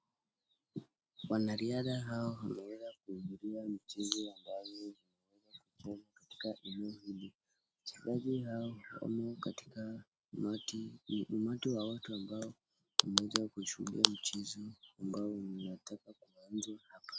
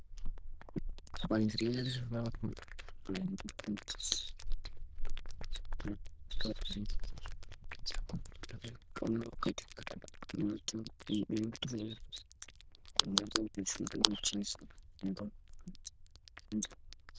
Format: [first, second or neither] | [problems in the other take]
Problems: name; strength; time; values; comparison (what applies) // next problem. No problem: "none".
first | noise reduction (neural diffusion model UNIVERSE++)